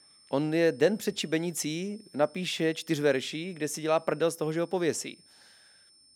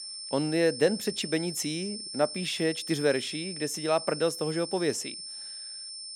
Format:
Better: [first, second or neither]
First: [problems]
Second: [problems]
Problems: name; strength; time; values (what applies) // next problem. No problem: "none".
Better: first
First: high-pitched whine; faint; throughout; 5.5 kHz, 25 dB below the speech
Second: high-pitched whine; loud; throughout; 5.5 kHz, 8 dB below the speech